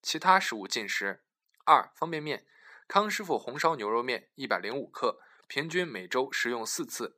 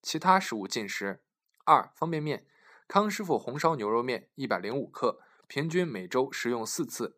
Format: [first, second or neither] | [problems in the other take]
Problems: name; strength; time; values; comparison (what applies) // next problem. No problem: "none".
second | thin; very slightly; fading below 400 Hz